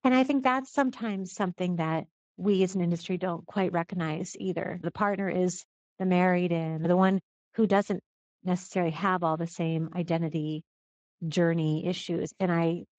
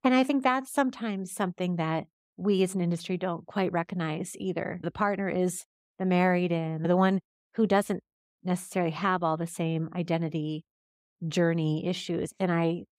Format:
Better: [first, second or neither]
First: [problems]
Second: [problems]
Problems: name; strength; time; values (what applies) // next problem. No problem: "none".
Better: second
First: garbled, watery; slightly; nothing above 7.5 kHz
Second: none